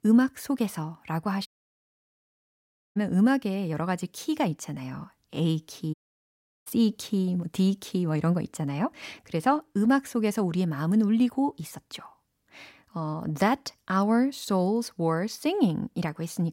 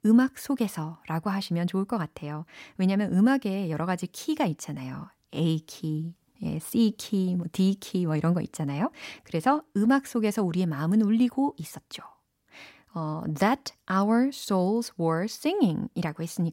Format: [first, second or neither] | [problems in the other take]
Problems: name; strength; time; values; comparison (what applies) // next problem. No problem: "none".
second | audio cutting out; at 1.5 s for 1.5 s and at 6 s for 0.5 s